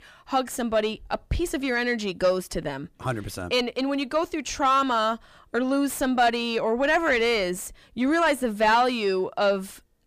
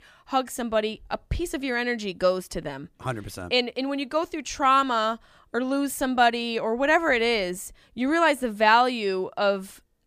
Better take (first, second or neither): second